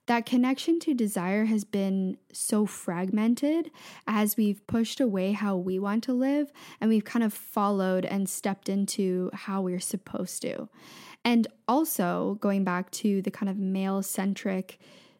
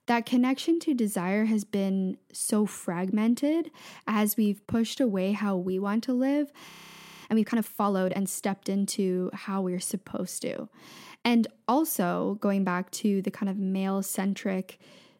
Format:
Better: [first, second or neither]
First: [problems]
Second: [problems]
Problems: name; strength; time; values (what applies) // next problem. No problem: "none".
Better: first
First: none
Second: audio freezing; at 6.5 s for 0.5 s